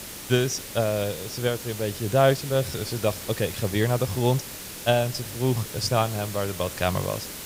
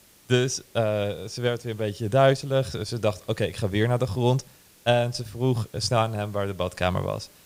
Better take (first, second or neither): second